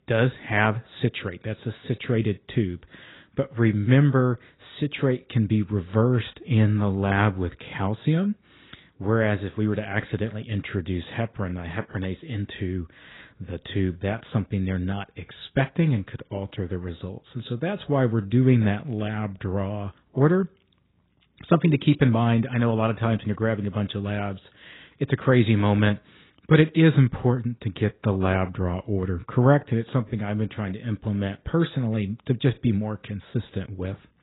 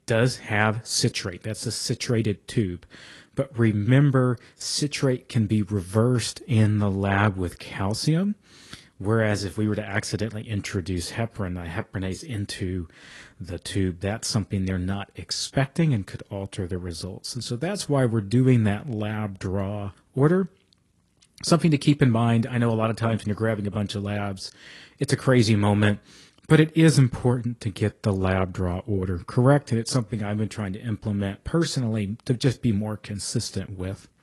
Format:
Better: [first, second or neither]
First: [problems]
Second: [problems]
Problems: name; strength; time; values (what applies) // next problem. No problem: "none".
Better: second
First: garbled, watery; badly; nothing above 4 kHz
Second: garbled, watery; slightly; nothing above 11 kHz